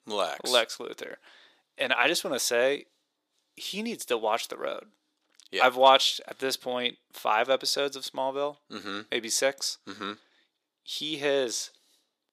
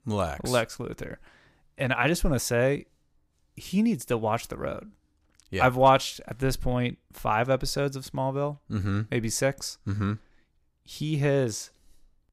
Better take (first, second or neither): second